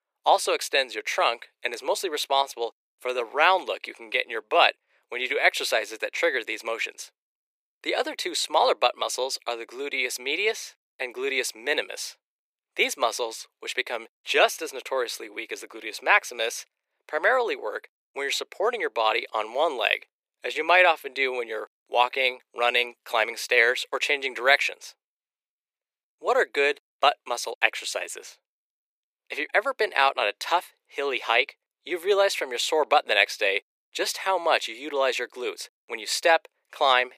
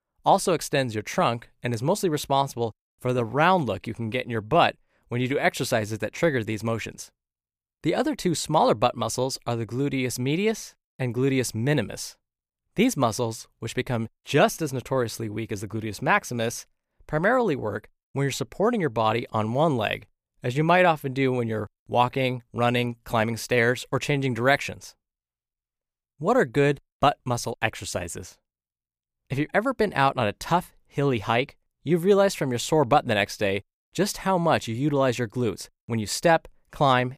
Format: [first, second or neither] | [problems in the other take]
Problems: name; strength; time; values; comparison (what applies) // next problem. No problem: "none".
second | thin; very; fading below 400 Hz